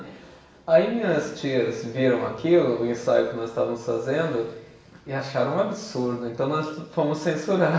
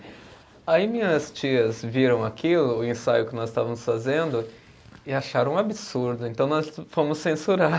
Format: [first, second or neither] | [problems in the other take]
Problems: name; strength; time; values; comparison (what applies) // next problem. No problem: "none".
second | room echo; dies away in 0.8 s